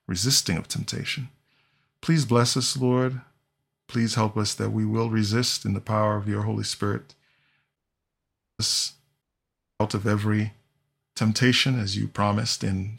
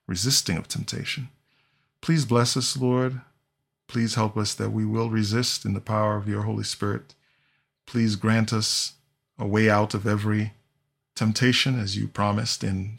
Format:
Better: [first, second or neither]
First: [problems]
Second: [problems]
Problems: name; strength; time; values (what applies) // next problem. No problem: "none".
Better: second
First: audio cutting out; at 8 s for 1 s and at 9 s for 0.5 s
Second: none